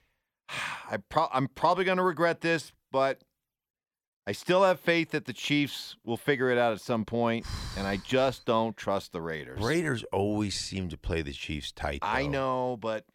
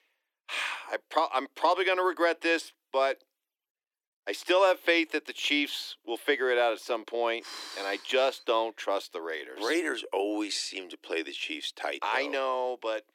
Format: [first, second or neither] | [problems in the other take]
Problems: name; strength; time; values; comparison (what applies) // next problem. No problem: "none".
first | thin; somewhat; fading below 300 Hz